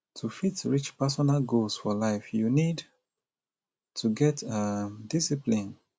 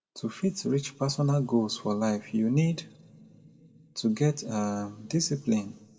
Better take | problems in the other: first | room echo; dies away in 1.8 s

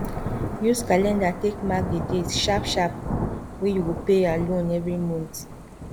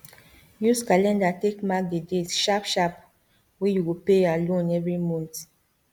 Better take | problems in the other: second | background sound (Thunder / Rain); 6 dB below the speech

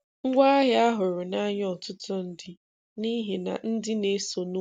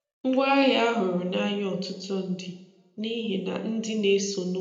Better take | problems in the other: first | room echo; dies away in 0.7 s

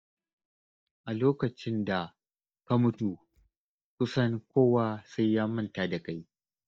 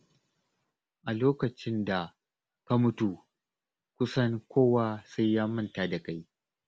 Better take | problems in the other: second | noise reduction (neural mask model DeepFilterNet 3)

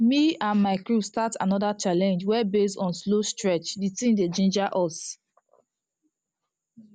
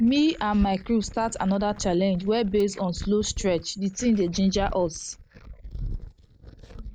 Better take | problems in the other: first | noise reduction (neural mask model Resemble Enhance denoiser)

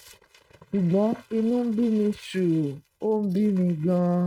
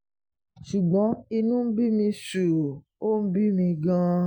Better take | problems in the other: second | noise reduction (neural mask model RNNoise)

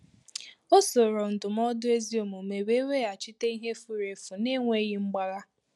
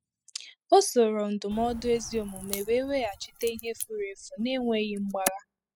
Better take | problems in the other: first | noise reduction (classical method spectral subtraction)

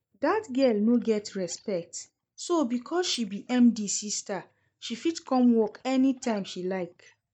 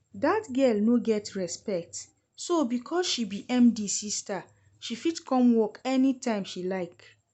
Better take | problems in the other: second | noise reduction (neural mask model DeepFilterNet 3)

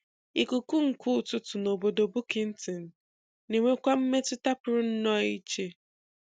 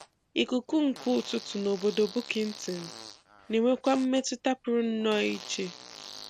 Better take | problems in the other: first | background sound (Fart); 17 dB below the speech

